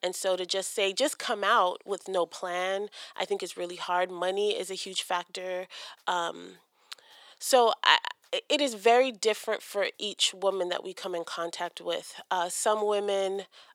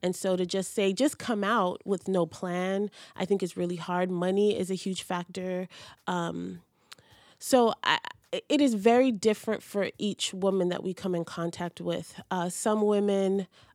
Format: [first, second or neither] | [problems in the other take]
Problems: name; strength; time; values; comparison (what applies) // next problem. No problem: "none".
second | thin; very; fading below 650 Hz